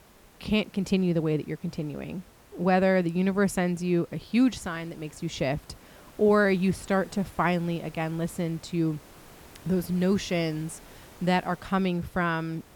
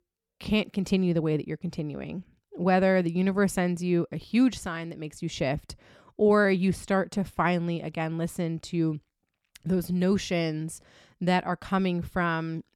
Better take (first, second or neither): second